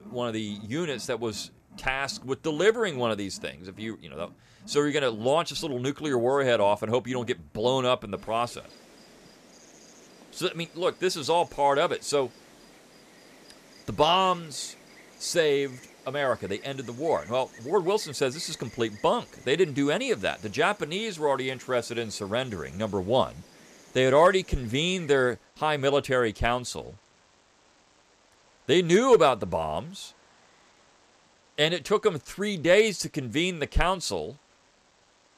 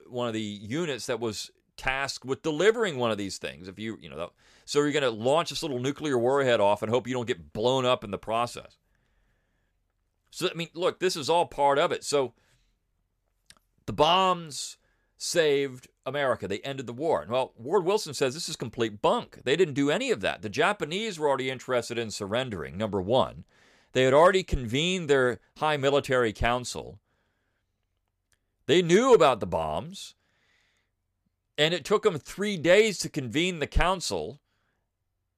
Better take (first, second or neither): second